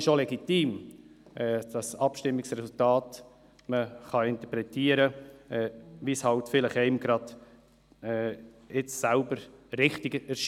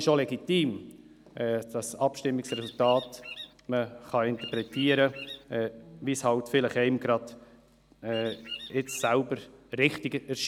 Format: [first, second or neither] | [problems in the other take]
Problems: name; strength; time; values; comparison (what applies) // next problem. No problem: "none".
first | background sound (Bird vocalization, bird call, bird song); 13 dB below the speech